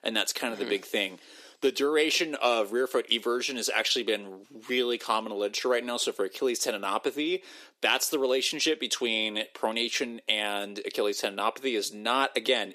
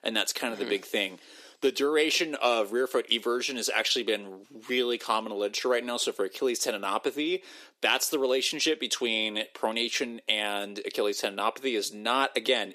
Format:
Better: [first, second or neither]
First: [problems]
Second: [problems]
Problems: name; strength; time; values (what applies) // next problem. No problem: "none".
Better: neither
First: thin; somewhat; fading below 350 Hz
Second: thin; somewhat; fading below 350 Hz